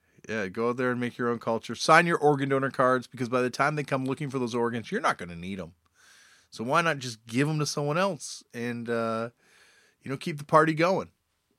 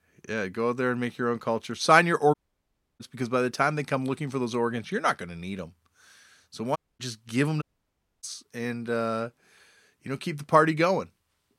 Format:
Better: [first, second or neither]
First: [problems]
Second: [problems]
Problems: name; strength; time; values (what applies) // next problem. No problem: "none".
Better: first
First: none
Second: audio cutting out; at 2.5 s for 0.5 s, at 7 s and at 7.5 s for 0.5 s